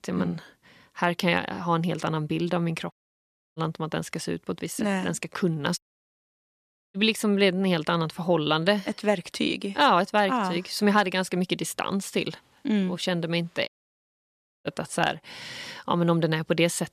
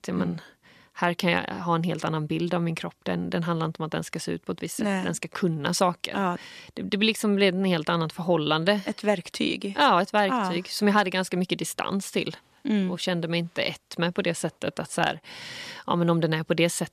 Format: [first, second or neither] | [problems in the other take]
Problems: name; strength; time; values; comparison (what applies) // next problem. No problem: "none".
second | audio cutting out; at 3 s for 0.5 s, at 6 s for 1 s and at 14 s for 1 s